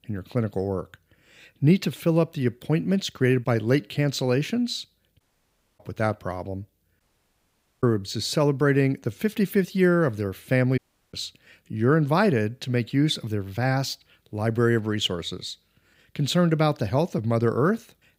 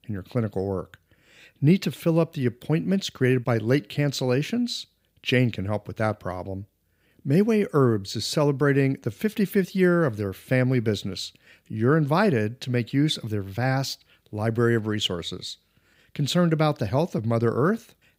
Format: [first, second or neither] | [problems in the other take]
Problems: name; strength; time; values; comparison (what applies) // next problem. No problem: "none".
second | audio cutting out; at 5 s for 0.5 s, at 7 s for 1 s and at 11 s